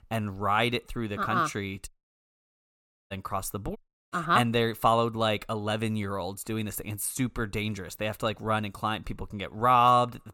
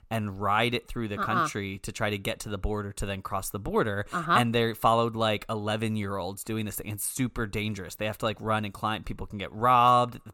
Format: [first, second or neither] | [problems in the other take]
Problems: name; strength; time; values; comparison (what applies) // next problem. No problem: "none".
second | audio cutting out; at 2 s for 1 s and at 4 s